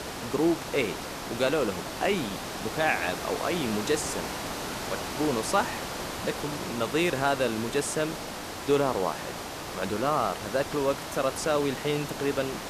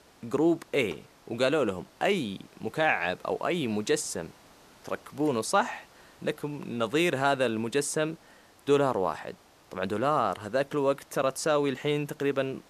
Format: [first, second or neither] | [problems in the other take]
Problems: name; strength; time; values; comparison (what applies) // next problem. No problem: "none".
second | hiss; loud; throughout; 6 dB below the speech; faint in the second